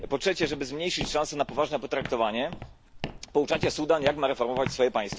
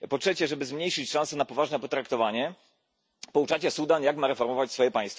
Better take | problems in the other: second | background sound (Walk, footsteps); 12 dB below the speech

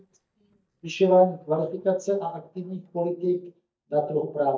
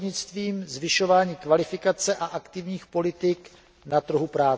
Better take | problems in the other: second | noise reduction (neural mask model DeepFilterNet 3)

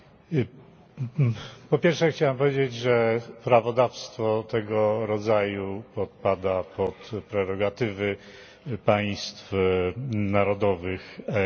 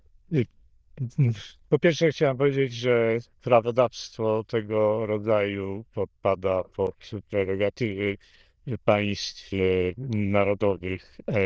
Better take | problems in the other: first | noise reduction (neural diffusion model UNIVERSE++)

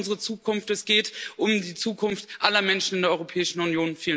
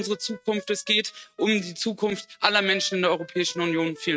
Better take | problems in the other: first | noise reduction (neural mask model RNNoise)

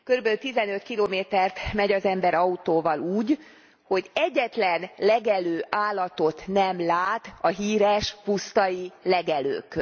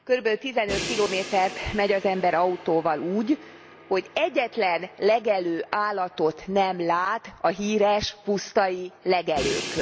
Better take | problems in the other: first | background sound (Crash cymbal); 14 dB below the speech

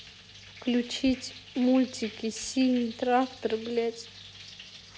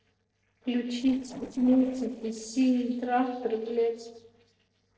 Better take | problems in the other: first | noise reduction (neural separator model SepFormer DNS4)

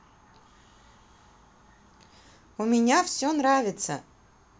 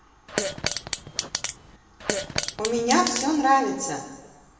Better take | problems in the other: first | background sound (Fart); 4 dB below the speech // room echo; dies away in 1.3 s

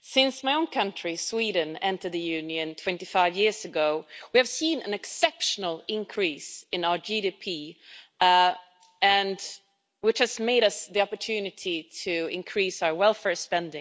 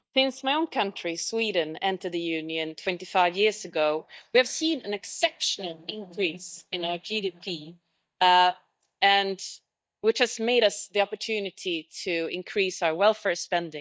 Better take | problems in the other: first | noise reduction (neural mask model DeepFilterNet 3)

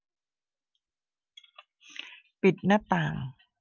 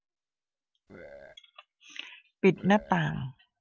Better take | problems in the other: first | background sound (Burping, eructation); 17 dB below the speech

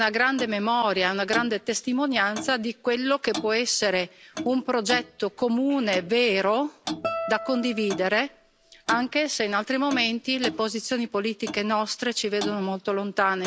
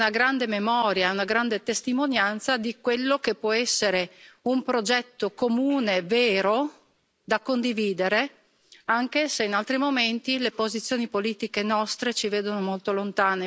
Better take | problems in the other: second | background sound (Clock + Guitar); 13 dB below the speech

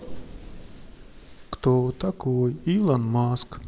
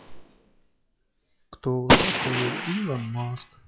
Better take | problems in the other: first | noise reduction (classical method log-MMSE)

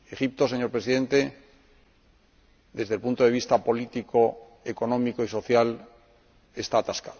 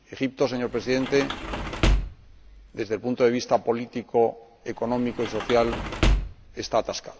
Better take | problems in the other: first | background sound (Sliding door / Slam); 2 dB below the speech

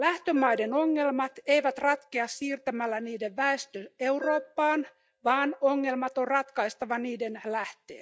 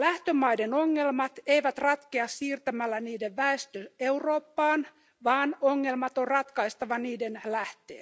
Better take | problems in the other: second | noise reduction (neural mask model DeepFilterNet 3)

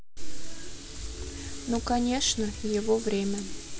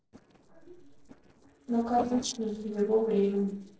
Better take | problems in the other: first | noise reduction (neural separator model SepFormer DNS4)

